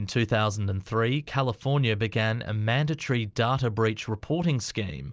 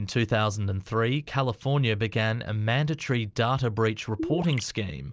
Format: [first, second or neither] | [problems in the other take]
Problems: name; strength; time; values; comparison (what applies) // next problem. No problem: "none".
first | background sound (Gurgling); 7 dB below the speech